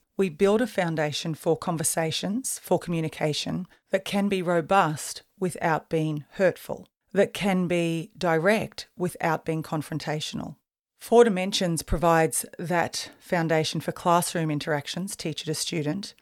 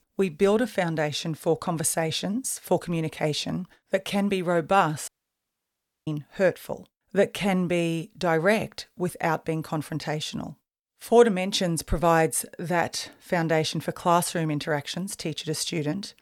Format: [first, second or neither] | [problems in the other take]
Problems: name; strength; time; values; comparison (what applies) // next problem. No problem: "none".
first | audio cutting out; at 5 s for 1 s